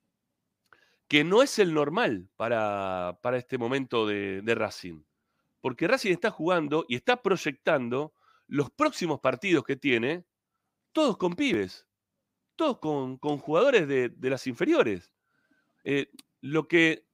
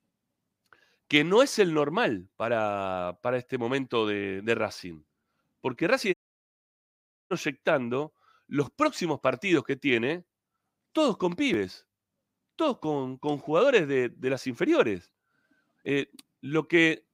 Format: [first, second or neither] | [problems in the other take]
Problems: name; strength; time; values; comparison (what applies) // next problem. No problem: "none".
first | audio cutting out; at 6 s for 1 s